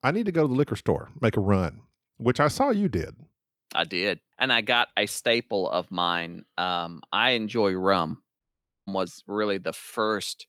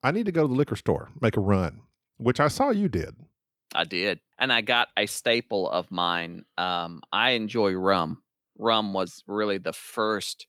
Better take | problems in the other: second | audio cutting out; at 8.5 s

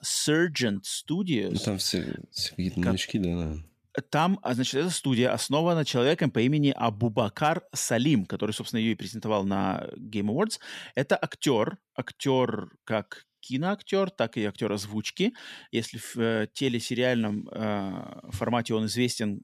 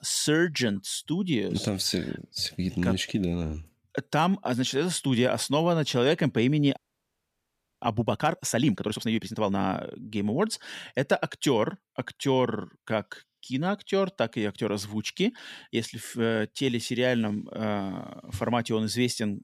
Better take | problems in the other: first | audio freezing; at 7 s for 1 s

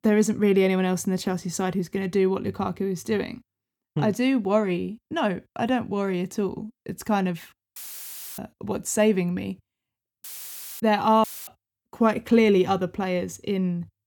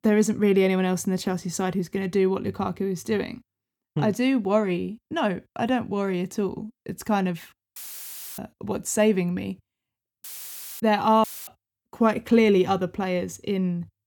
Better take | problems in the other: neither | audio cutting out; filled with static; at 8 s for 0.5 s, at 10 s for 0.5 s and at 11 s; the same in both

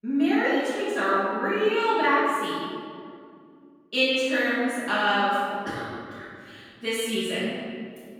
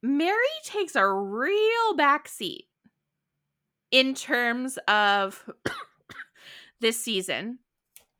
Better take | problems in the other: second | off-mic speech; far // room echo; strong; dies away in 2.2 s

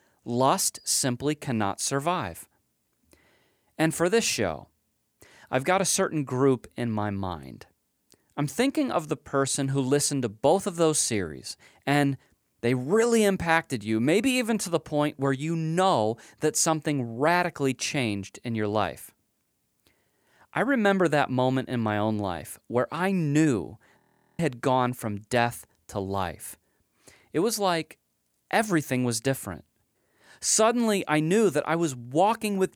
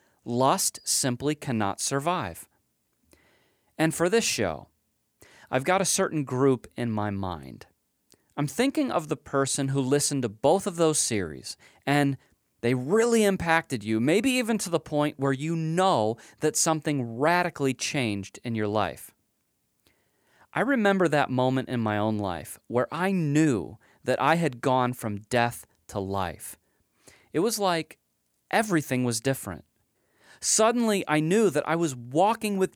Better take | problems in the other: second | audio freezing; at 24 s

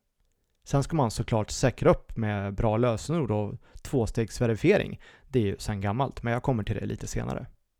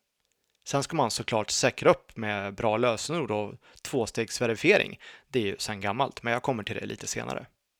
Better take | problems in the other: first | thin; somewhat; fading below 450 Hz

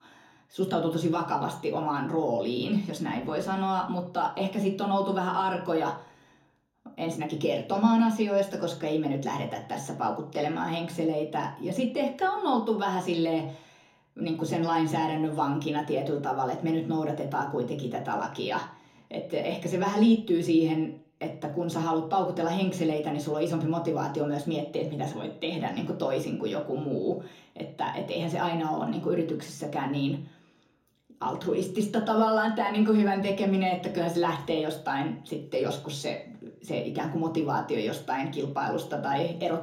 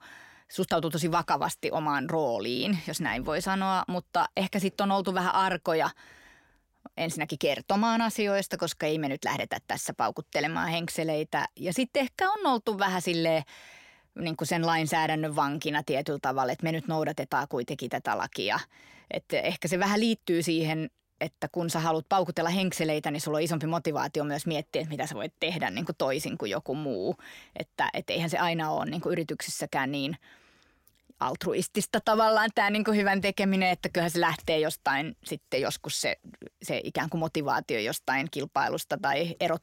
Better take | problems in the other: second | room echo; slight; dies away in 0.5 s // off-mic speech; somewhat distant

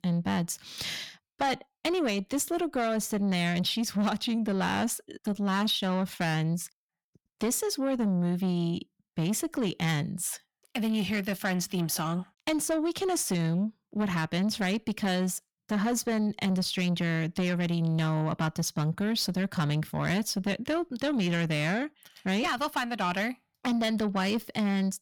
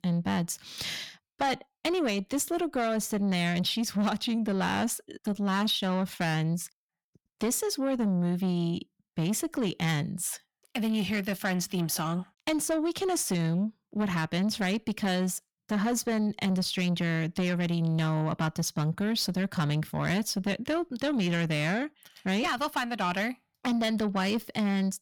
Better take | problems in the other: neither | distortion; slight; 10 dB below the speech; the same in both

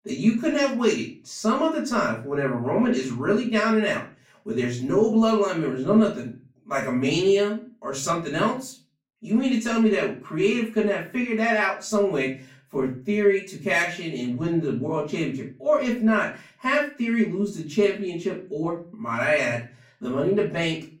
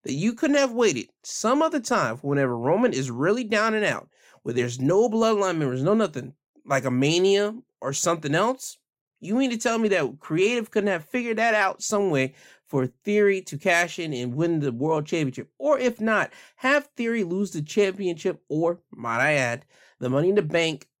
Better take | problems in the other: second | off-mic speech; far // room echo; slight; dies away in 0.3 s

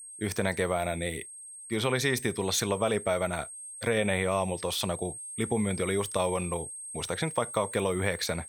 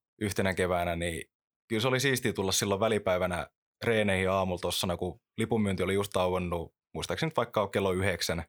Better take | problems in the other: second | high-pitched whine; loud; throughout; 8.5 kHz, 10 dB below the speech

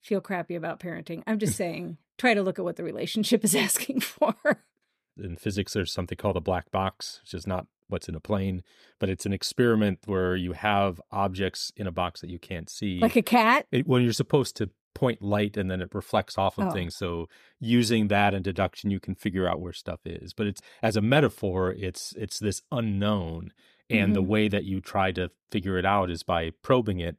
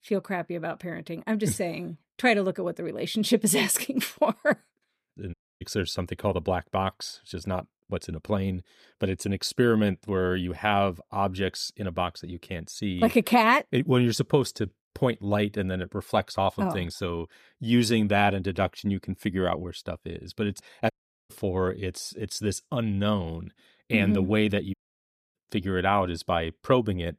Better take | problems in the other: first | audio cutting out; at 5.5 s, at 21 s and at 25 s for 0.5 s

